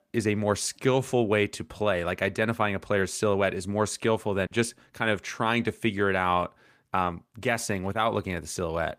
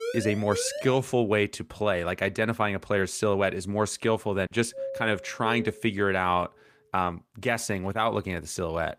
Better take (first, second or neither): first